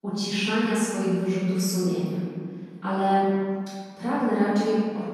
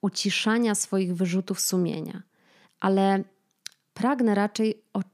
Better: second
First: off-mic speech; far // room echo; strong; dies away in 1.9 s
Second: none

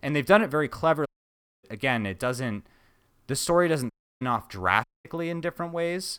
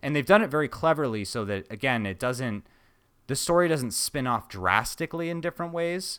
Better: second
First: audio cutting out; at 1 s for 0.5 s, at 4 s and at 5 s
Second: none

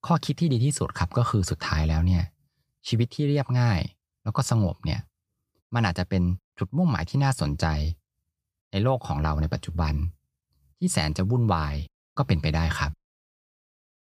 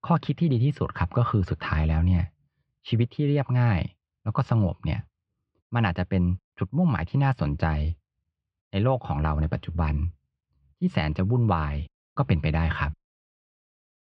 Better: first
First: none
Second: muffled; very; fading above 3 kHz

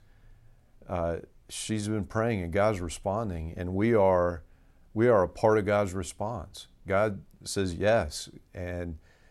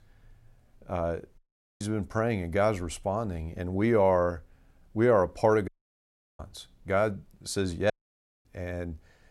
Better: first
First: none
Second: audio cutting out; at 1.5 s, at 5.5 s for 0.5 s and at 8 s for 0.5 s

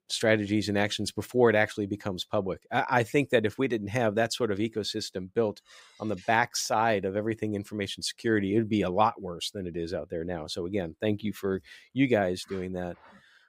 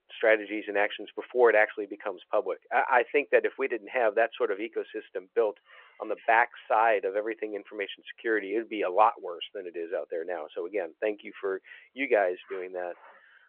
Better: first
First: none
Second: phone-call audio

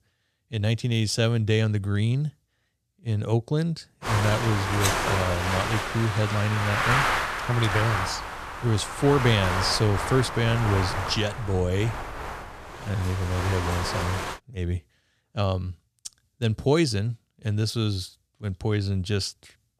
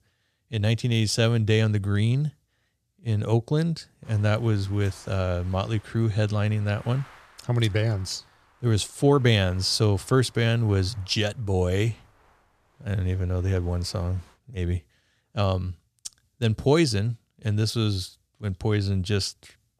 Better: second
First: wind noise on the microphone; heavy; from 4 to 14 s; 3 dB above the speech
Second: wind noise on the microphone; occasional gusts; from 4 to 14 s; 25 dB below the speech

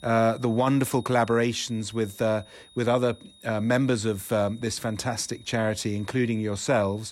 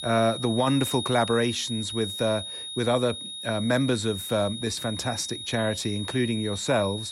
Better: first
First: high-pitched whine; faint; throughout; 3.5 kHz, 25 dB below the speech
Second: high-pitched whine; loud; throughout; 3.5 kHz, 7 dB below the speech

